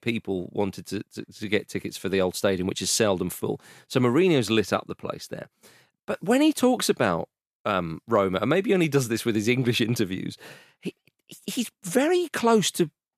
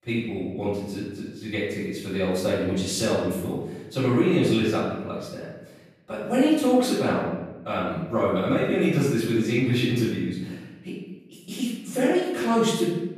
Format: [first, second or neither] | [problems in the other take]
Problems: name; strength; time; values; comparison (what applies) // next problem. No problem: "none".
first | room echo; strong; dies away in 1 s // off-mic speech; far